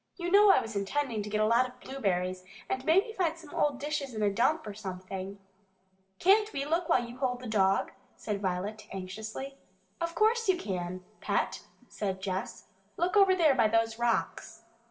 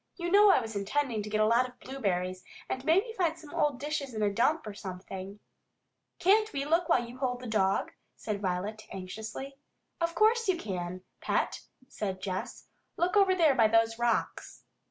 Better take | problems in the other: second | room echo; dies away in 1 s

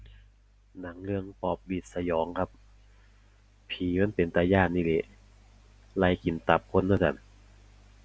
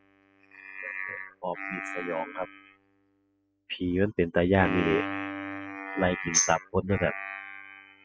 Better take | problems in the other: first | noise reduction (classical method spectral subtraction)

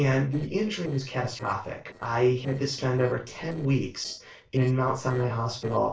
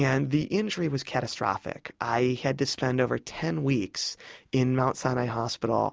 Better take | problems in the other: second | noise reduction (neural separator model SepFormer DNS4)

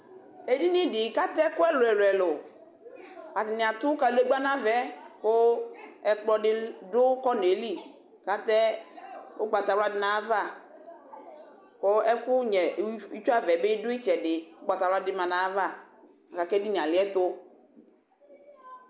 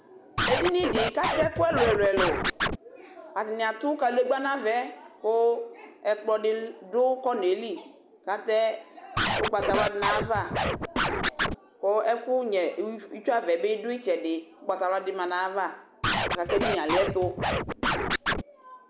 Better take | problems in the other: first | background sound (Scratching (performance technique)); as loud as the speech

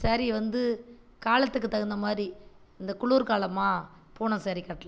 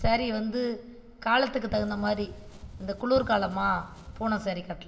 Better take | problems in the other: first | background sound (Wind); 14 dB below the speech // room echo; dies away in 1.5 s

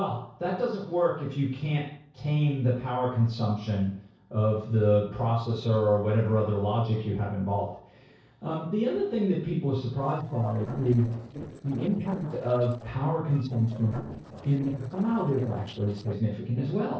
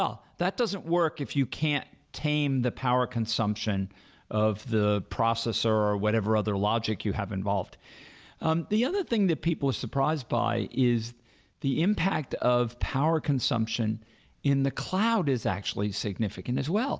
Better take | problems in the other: second | noise reduction (neural separator model SepFormer DNS4)

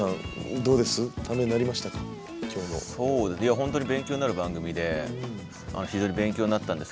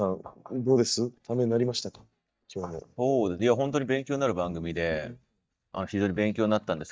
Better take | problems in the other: first | noise reduction (neural mask model DeepFilterNet 3)

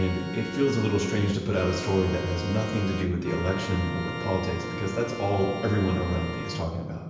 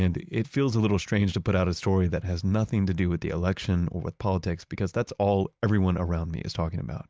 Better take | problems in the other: second | background sound (Organ); 8 dB below the speech // room echo; dies away in 1 s

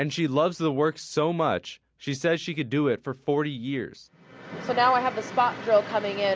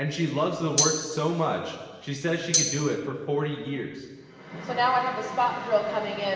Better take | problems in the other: first | background sound (Tambourine); 1 dB above the speech // room echo; dies away in 1.4 s

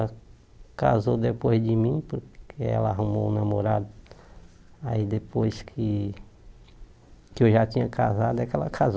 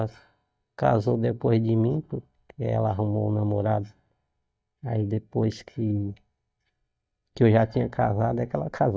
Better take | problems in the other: first | noise reduction (neural mask model DeepFilterNet 3)

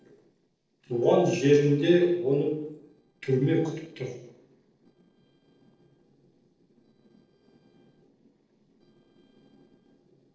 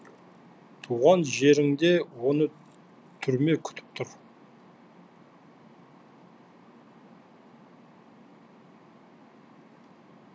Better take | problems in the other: second | noise reduction (neural separator model SepFormer DNS4)

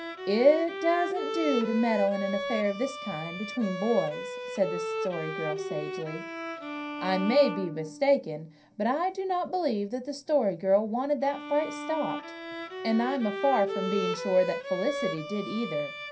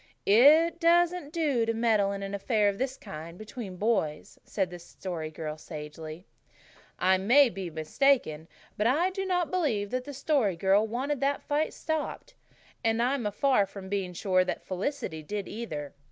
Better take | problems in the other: second | background sound (Bowed string instrument); 7 dB below the speech // room echo; dies away in 0.3 s

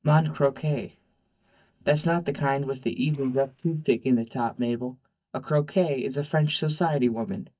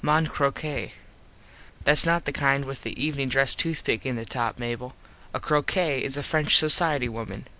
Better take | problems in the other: second | noise reduction (neural mask model DeepFilterNet 3)

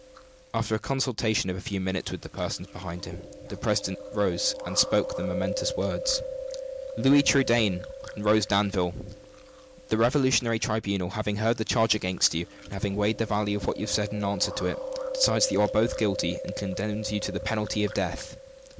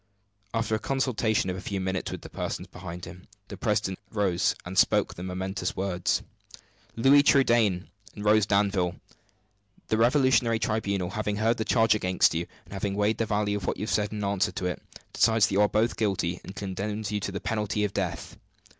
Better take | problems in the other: second | background sound (Chewing, mastication); 10 dB below the speech

